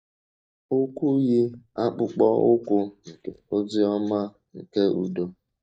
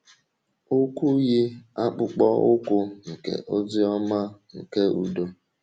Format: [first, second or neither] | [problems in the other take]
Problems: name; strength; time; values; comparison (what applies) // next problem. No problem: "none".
second | noise reduction (neural mask model DeepFilterNet 3)